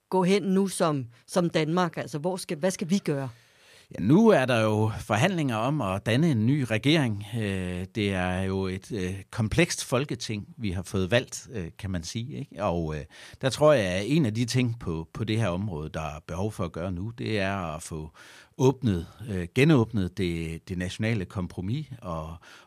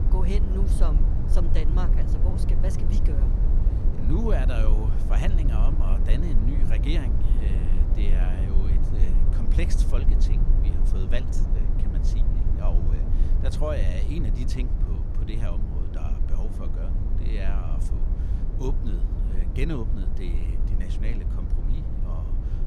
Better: first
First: none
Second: low rumble; loud; throughout; 3 dB below the speech

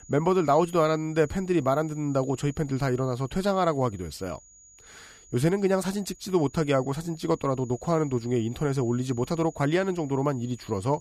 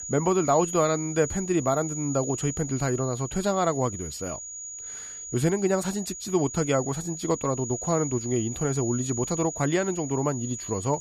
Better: first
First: high-pitched whine; faint; throughout; 7 kHz, 25 dB below the speech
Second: high-pitched whine; loud; throughout; 7 kHz, 8 dB below the speech

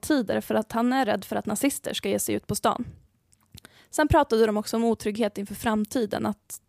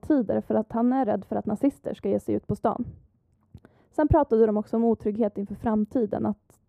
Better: first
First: none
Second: muffled; very; fading above 1.5 kHz

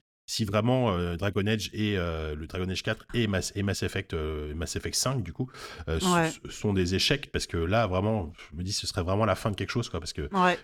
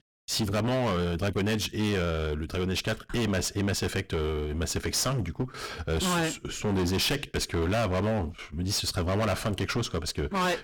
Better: first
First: none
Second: distortion; heavy; 27% of the sound clipped

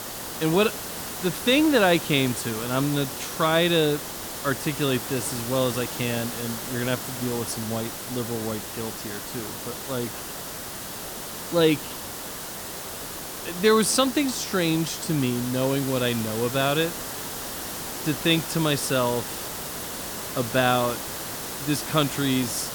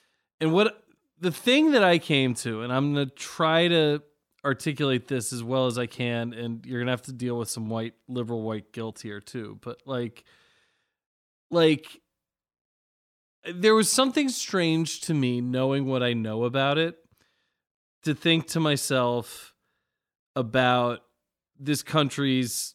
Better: second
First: hiss; loud; throughout; 7 dB below the speech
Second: none

